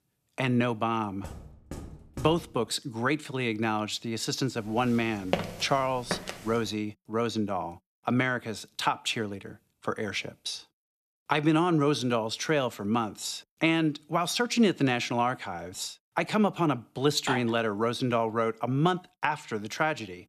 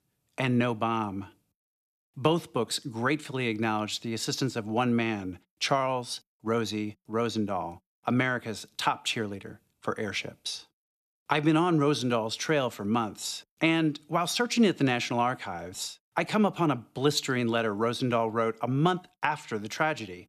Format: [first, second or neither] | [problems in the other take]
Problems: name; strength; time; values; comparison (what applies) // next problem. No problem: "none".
second | door banging; faint; from 1 to 2.5 s; peak 15 dB below the speech // footsteps; noticeable; at 5.5 s; peak 3 dB below the speech // clattering dishes; noticeable; at 17 s; peak 5 dB below the speech